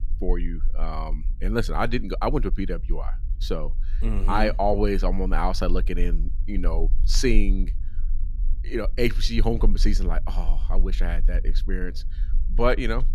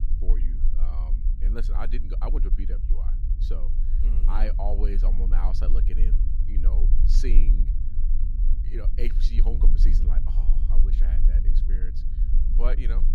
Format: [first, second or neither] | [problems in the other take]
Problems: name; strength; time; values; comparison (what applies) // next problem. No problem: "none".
first | low rumble; loud; throughout; 7 dB below the speech; faint in the first